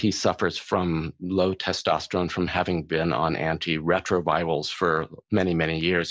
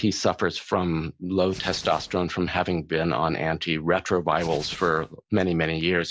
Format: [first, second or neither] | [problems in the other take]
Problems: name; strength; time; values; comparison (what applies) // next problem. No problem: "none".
first | background sound (Hands); 17 dB below the speech